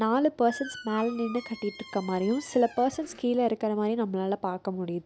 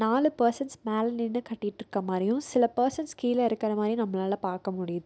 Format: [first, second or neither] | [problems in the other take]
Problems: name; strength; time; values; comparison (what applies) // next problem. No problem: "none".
second | background sound (Squeak); 17 dB below the speech